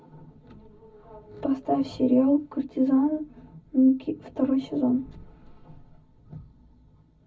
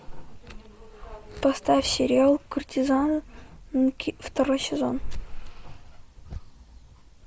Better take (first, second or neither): second